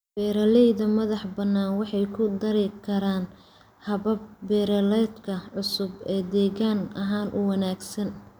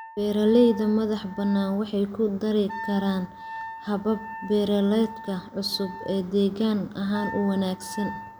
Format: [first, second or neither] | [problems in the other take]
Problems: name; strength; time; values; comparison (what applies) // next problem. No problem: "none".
first | background sound (Wind instrument, woodwind instrument); 15 dB below the speech